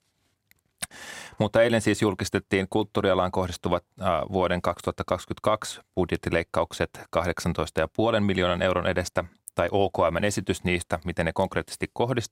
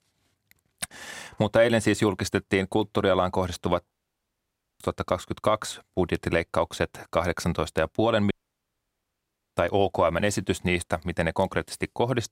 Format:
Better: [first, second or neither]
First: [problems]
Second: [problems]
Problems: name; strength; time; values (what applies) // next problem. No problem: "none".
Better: first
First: none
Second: audio cutting out; at 4 s for 1 s and at 8.5 s for 1.5 s